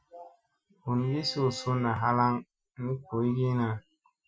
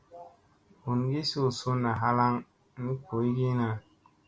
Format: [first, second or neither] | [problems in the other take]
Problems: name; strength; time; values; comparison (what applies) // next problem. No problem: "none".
second | noise reduction (classical method Wiener filter)